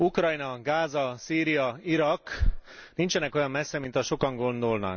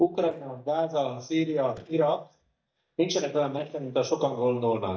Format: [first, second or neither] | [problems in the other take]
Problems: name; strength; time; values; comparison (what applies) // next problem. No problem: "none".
first | noise reduction (neural mask model DeepFilterNet 3)